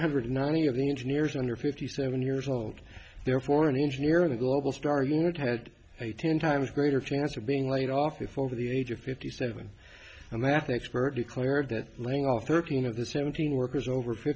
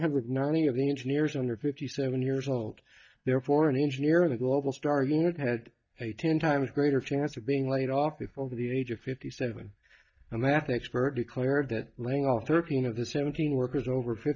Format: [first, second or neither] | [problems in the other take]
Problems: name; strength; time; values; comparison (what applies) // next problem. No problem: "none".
first | noise reduction (neural mask model DeepFilterNet 3)